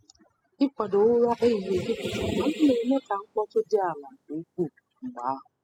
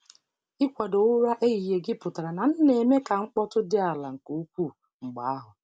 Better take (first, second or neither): second